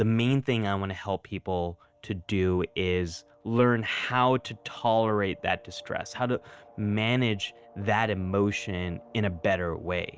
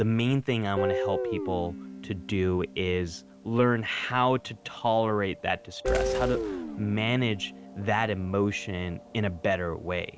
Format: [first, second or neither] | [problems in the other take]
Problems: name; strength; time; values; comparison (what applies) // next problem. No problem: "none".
first | background sound (Boom + Guitar); 7 dB below the speech